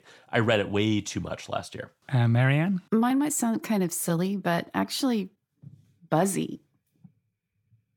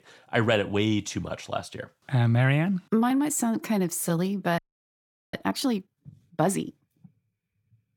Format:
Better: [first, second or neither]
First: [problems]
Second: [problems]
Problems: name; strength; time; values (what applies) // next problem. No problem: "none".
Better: first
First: none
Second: audio freezing; at 4.5 s for 1 s